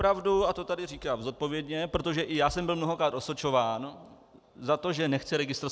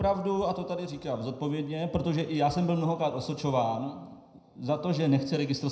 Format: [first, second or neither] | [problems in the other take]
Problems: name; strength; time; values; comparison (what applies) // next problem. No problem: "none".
first | room echo; dies away in 0.7 s